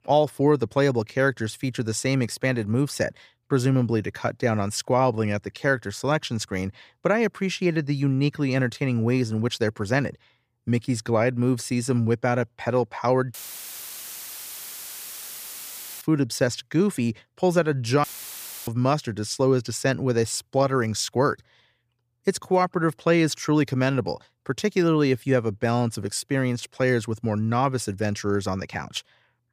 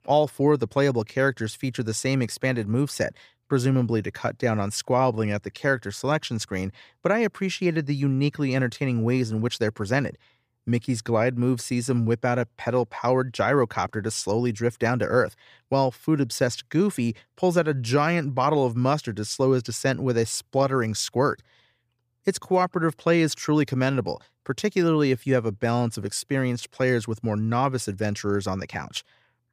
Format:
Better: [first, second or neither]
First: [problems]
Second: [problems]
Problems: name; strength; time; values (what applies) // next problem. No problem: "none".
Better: second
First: audio cutting out; filled with static; at 13 s for 2.5 s and at 18 s for 0.5 s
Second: none